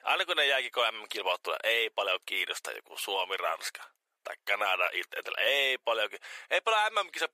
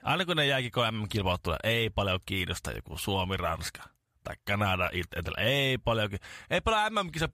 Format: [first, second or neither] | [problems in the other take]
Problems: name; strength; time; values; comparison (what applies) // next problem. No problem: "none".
second | thin; very; fading below 400 Hz